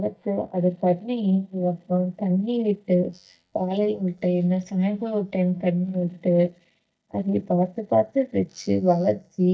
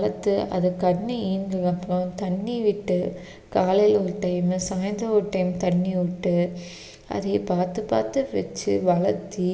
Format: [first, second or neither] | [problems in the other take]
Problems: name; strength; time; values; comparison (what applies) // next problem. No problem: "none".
second | noise reduction (neural mask model DeepFilterNet 3)